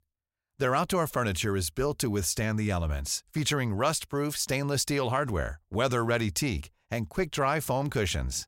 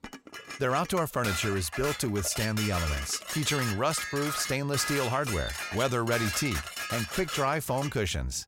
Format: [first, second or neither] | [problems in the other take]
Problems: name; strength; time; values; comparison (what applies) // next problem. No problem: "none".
first | clattering dishes; noticeable; until 8 s; peak 2 dB below the speech